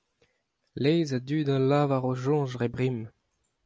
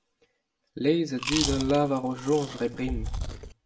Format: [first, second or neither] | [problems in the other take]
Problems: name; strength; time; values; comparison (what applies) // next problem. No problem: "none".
first | background sound (Chewing, mastication); 5 dB below the speech // room echo; dies away in 0.4 s